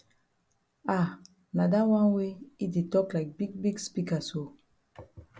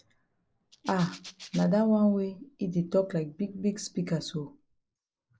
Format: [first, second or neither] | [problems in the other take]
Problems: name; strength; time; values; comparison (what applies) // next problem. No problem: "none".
first | noise reduction (neural mask model Resemble Enhance denoiser)